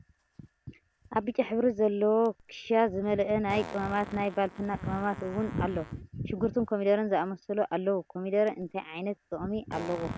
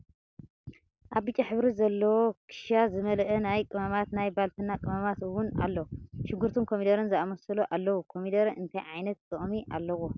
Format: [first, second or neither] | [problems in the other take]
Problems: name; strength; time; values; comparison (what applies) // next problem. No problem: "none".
second | background sound (Fart); 19 dB below the speech